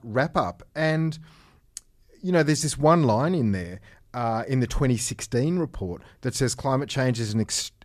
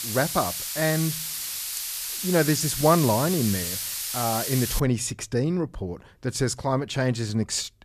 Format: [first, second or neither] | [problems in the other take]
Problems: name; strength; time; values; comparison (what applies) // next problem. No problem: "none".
first | hiss; loud; until 5 s; 3 dB below the speech